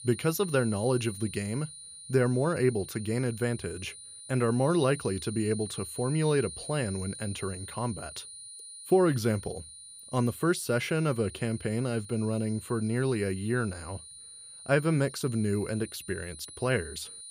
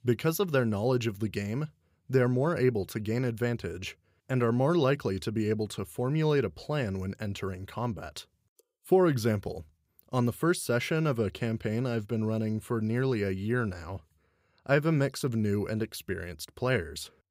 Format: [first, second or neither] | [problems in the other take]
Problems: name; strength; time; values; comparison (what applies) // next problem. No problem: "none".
second | high-pitched whine; noticeable; throughout; 9.5 kHz, 15 dB below the speech